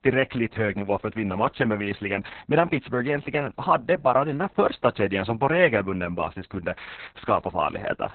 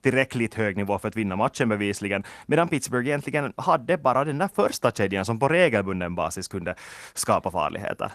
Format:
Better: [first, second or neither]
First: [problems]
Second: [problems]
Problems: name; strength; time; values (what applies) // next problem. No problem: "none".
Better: second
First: garbled, watery; badly; nothing above 4 kHz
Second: garbled, watery; slightly; nothing above 13.5 kHz